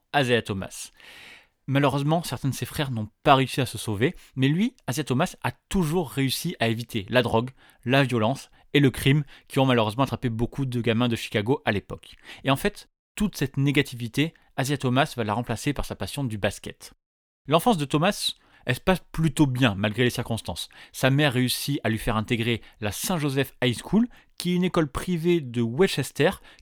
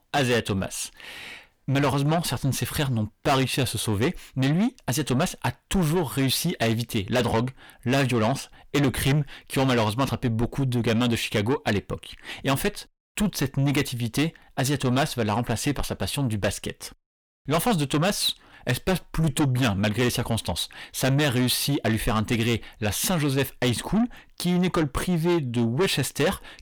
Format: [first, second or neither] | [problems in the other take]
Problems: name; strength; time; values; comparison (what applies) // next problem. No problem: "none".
first | distortion; heavy; 7 dB below the speech